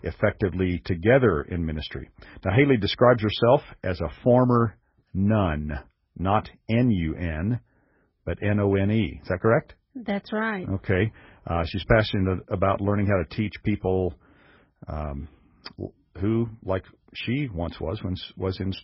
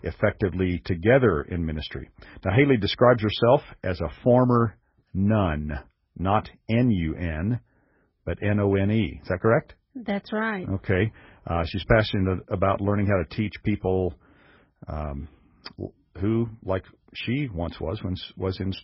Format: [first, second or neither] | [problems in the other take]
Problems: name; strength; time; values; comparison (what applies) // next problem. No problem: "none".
neither | garbled, watery; badly; nothing above 5.5 kHz; the same in both